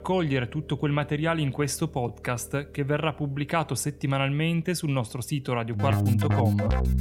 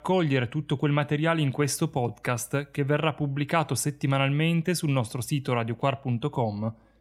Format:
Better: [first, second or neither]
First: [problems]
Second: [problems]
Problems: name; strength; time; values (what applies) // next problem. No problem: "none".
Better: second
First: background music; very loud; throughout; 2 dB above the speech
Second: none